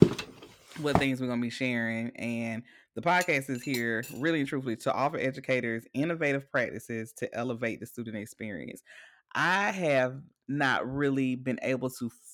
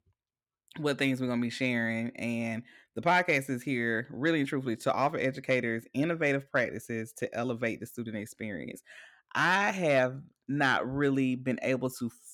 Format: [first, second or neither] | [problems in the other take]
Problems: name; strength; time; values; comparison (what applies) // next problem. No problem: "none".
second | footsteps; loud; at the start; peak 6 dB above the speech // clattering dishes; faint; at 3 s; peak 10 dB below the speech